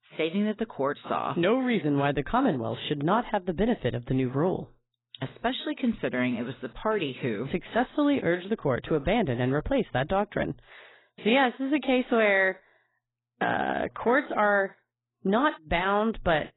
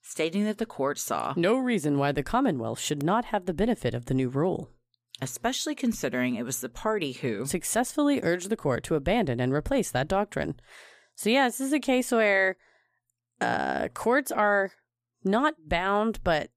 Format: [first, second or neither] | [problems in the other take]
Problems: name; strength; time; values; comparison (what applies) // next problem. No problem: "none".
second | garbled, watery; badly; nothing above 4 kHz